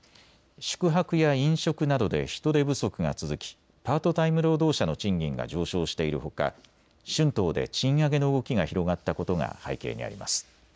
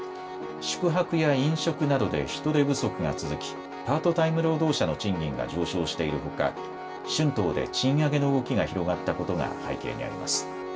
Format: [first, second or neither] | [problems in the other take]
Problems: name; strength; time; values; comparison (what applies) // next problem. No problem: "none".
first | background sound (Piano); 9 dB below the speech // room echo; dies away in 0.2 s